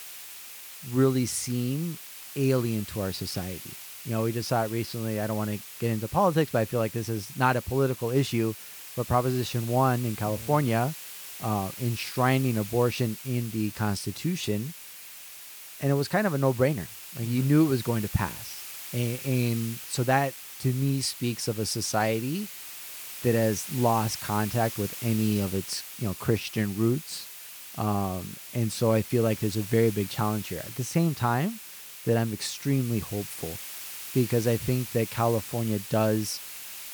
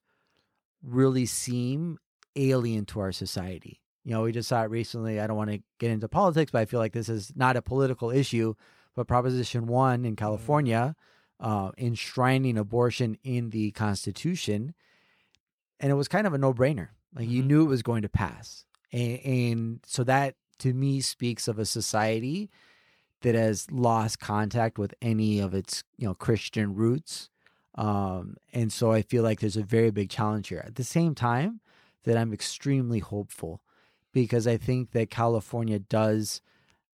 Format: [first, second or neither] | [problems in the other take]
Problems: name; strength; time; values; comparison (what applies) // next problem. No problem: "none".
second | hiss; noticeable; throughout; 10 dB below the speech